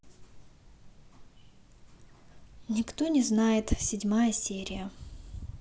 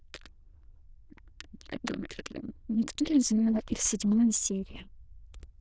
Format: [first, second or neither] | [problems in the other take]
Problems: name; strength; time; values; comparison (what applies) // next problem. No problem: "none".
first | noise reduction (neural diffusion model UNIVERSE++)